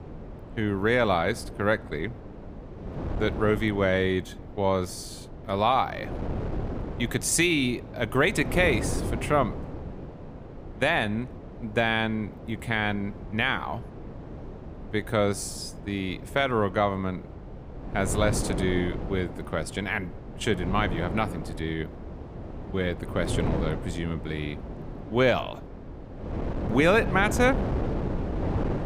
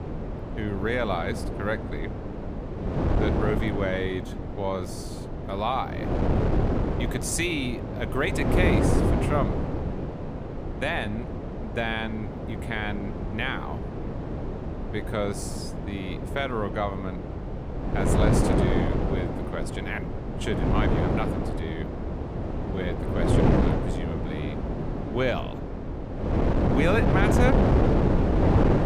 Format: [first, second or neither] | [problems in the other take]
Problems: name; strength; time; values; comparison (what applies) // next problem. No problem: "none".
first | wind noise on the microphone; heavy; 1 dB below the speech; occasional gusts in the first